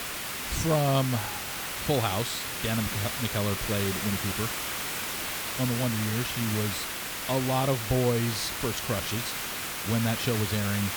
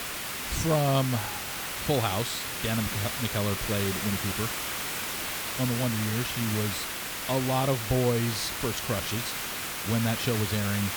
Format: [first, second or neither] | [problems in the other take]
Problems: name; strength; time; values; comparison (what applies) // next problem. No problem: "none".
neither | hiss; loud; throughout; 2 dB below the speech; the same in both